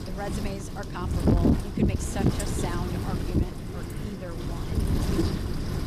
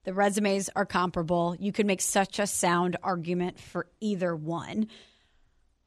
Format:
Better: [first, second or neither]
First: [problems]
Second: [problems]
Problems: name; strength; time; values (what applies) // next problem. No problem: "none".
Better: second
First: wind noise on the microphone; heavy; 4 dB above the speech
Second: none